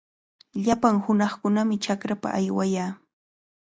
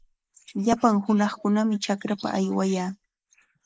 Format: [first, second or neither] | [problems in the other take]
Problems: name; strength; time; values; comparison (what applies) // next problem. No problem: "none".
first | noise reduction (neural mask model Resemble Enhance denoiser)